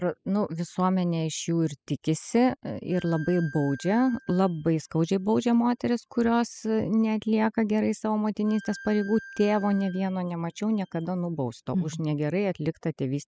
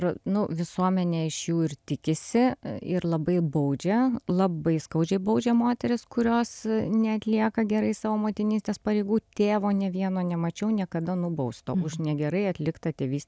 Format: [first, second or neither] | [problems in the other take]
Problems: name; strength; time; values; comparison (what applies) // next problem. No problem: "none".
second | noise reduction (classical method spectral subtraction)